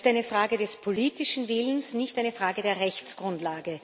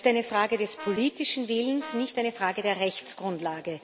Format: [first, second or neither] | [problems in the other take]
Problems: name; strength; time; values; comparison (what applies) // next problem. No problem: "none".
first | background sound (Brass instrument); 16 dB below the speech